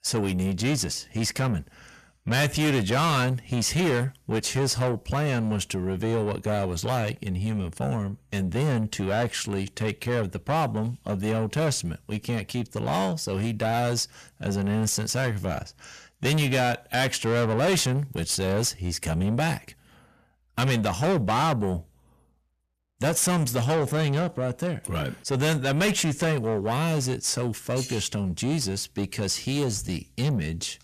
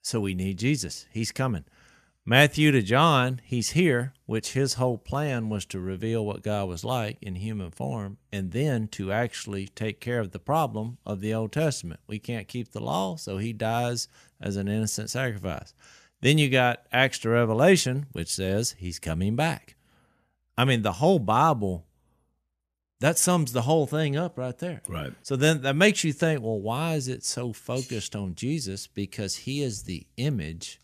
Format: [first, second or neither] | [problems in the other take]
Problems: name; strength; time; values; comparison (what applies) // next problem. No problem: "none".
second | distortion; heavy; 6 dB below the speech